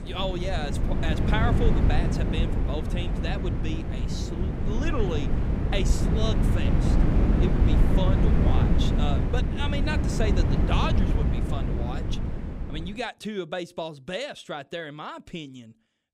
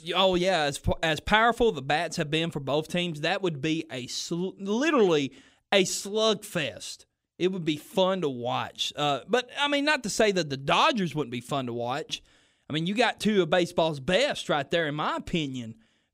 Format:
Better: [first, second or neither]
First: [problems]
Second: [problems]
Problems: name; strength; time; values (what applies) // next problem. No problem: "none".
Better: second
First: wind noise on the microphone; heavy; until 13 s; 1 dB below the speech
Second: none